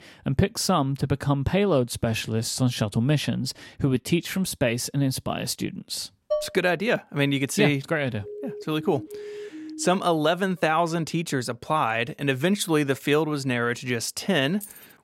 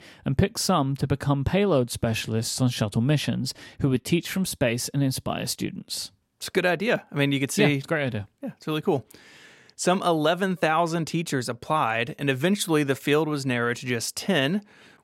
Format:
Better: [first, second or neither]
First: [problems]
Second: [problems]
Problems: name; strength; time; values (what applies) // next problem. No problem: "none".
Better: second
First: clattering dishes; noticeable; at 6.5 s; peak 4 dB below the speech // siren; faint; from 8 to 10 s; peak 10 dB below the speech // jangling keys; faint; at 14 s; peak 15 dB below the speech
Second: none